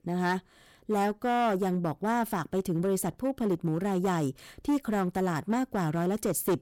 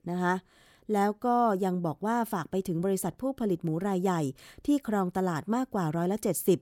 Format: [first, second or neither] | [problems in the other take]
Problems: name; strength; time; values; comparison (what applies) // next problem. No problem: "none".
second | distortion; slight; 9% of the sound clipped